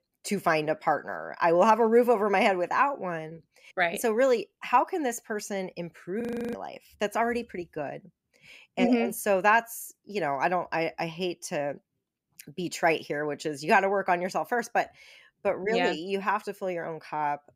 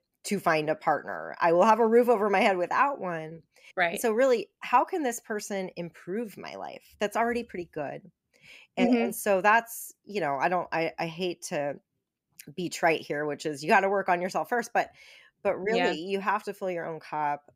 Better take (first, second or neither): second